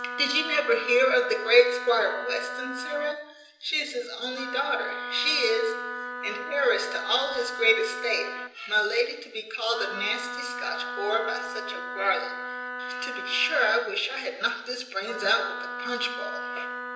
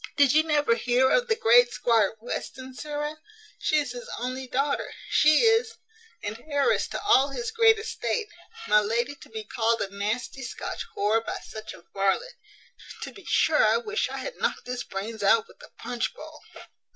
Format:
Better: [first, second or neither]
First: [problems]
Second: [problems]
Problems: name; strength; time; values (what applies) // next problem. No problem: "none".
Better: second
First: background sound (Wind instrument, woodwind instrument); 8 dB below the speech // room echo; dies away in 0.9 s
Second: none